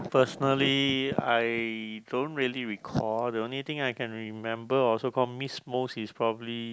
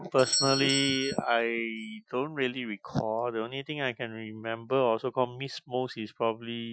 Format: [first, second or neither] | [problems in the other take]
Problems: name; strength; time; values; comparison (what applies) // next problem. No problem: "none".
first | noise reduction (classical method Wiener filter)